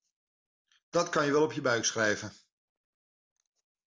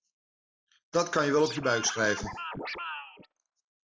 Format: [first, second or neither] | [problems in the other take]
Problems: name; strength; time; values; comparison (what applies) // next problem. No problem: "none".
first | noise reduction (classical method log-MMSE)